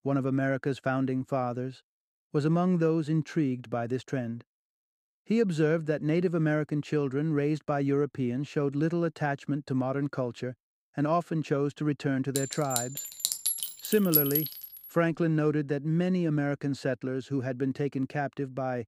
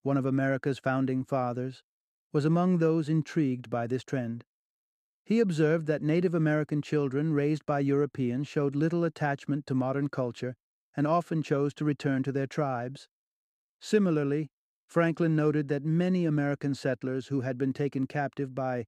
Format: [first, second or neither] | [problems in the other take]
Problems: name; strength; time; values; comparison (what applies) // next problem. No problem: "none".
second | clattering dishes; loud; from 12 to 14 s; peak 5 dB above the speech